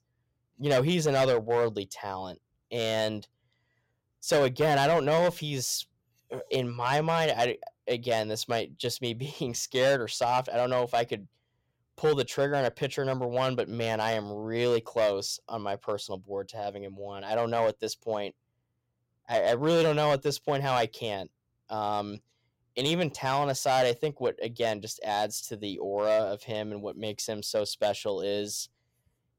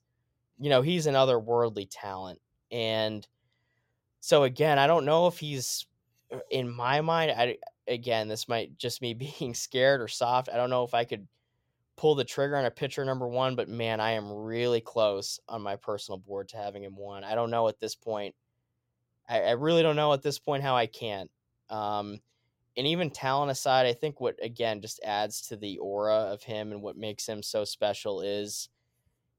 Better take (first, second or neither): second